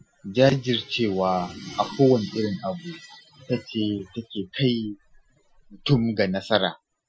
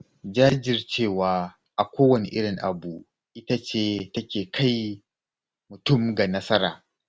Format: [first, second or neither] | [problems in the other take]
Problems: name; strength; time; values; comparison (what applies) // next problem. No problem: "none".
second | noise reduction (classical method Wiener filter)